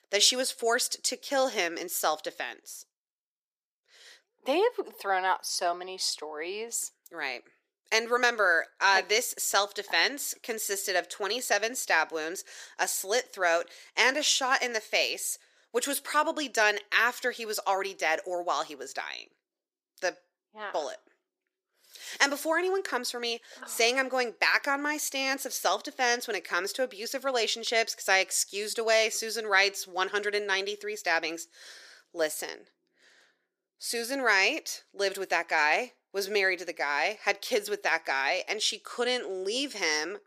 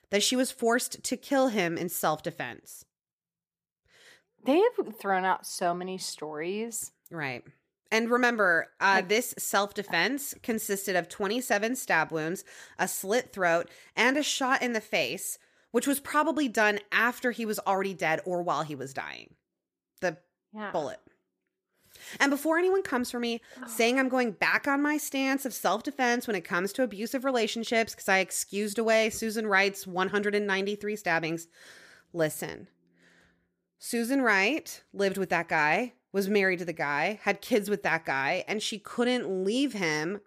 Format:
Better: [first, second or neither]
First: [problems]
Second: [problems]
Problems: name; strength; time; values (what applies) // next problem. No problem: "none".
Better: second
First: thin; somewhat; fading below 400 Hz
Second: none